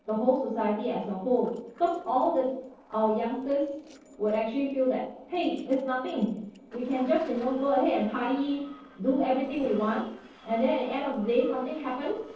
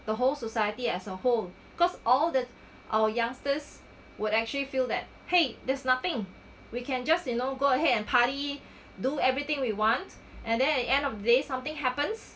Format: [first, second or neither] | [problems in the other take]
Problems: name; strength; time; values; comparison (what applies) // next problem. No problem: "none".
second | noise reduction (neural separator model SepFormer DNS4)